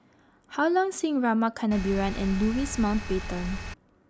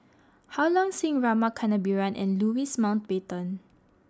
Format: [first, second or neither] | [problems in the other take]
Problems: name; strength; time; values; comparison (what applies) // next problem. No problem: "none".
second | background sound (Engine); 6 dB below the speech